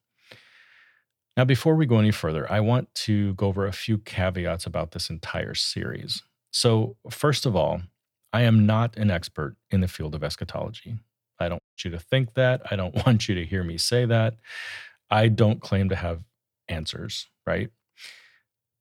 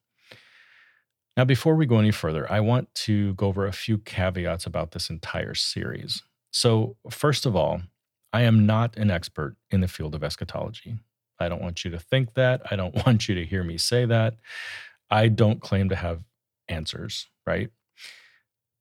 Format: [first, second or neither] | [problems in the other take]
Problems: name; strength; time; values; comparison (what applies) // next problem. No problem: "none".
second | audio cutting out; at 12 s